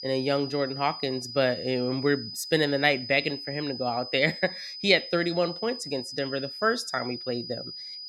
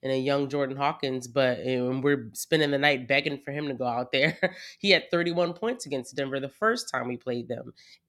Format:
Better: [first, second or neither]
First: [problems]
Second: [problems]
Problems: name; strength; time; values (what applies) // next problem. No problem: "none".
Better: second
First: high-pitched whine; loud; throughout; 5 kHz, 9 dB below the speech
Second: none